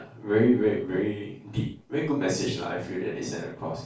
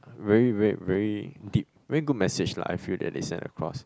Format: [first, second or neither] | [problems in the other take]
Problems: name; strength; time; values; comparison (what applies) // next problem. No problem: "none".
second | room echo; dies away in 0.3 s